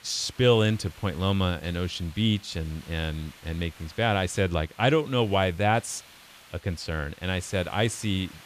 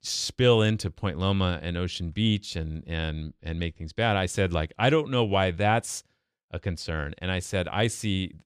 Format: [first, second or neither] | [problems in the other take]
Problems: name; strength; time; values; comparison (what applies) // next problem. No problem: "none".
second | hiss; faint; throughout; 20 dB below the speech